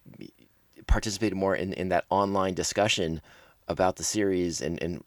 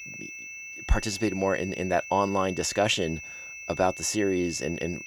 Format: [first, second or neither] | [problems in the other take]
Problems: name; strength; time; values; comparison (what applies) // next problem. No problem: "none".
first | high-pitched whine; noticeable; throughout; 2.5 kHz, 10 dB below the speech